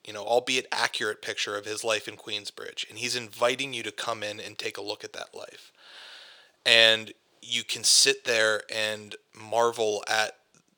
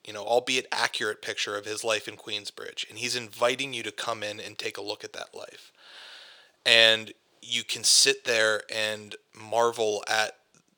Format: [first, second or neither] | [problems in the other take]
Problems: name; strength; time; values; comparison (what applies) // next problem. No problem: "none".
neither | thin; very; fading below 450 Hz; the same in both